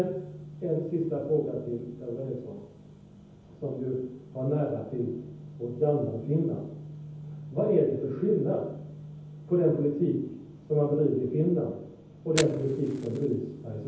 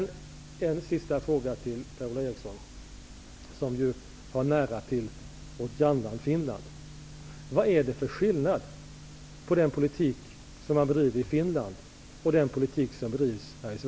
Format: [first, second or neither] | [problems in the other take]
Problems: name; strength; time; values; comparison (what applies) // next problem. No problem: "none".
second | background sound (Fire); 20 dB below the speech // room echo; dies away in 0.9 s